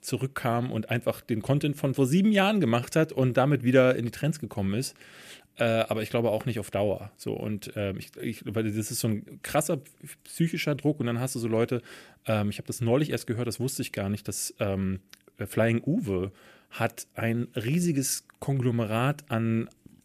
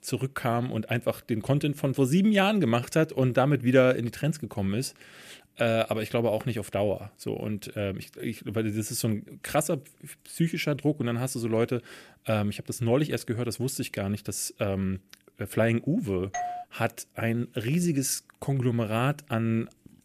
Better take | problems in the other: first | doorbell; noticeable; at 16 s; peak 6 dB below the speech

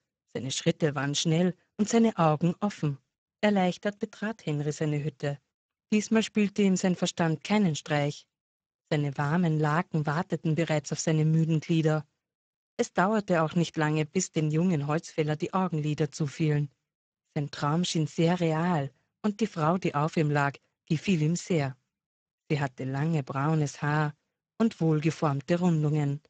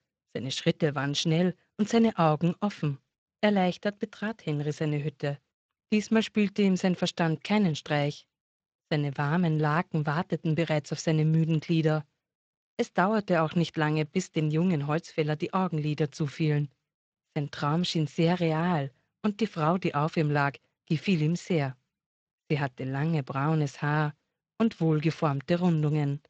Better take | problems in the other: second | garbled, watery; badly; nothing above 7.5 kHz; slightly in the second

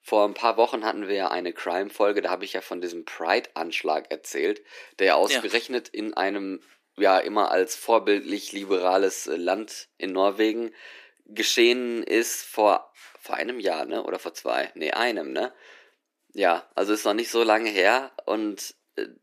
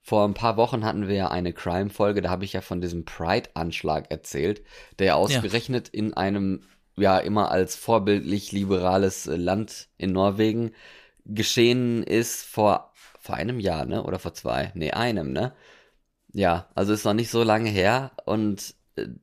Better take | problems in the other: second | thin; somewhat; fading below 300 Hz

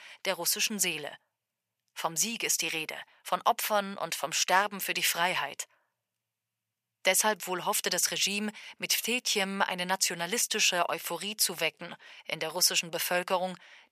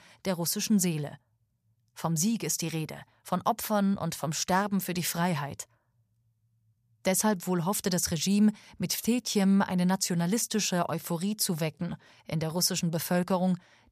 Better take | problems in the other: second | thin; very; fading below 500 Hz

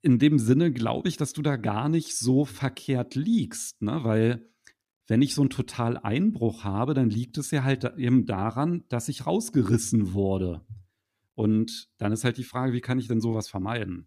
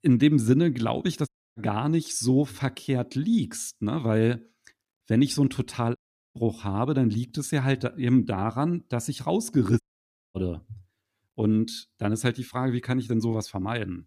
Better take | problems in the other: first | audio cutting out; at 1.5 s, at 6 s and at 10 s for 0.5 s

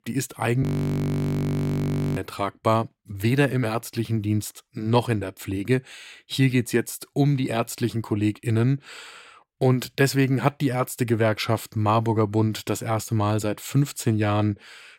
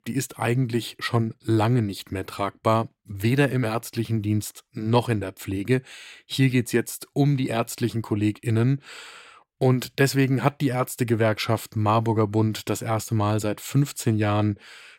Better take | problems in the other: second | audio freezing; at 0.5 s for 1.5 s

